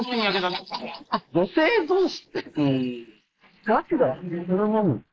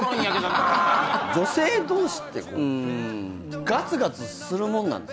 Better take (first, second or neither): second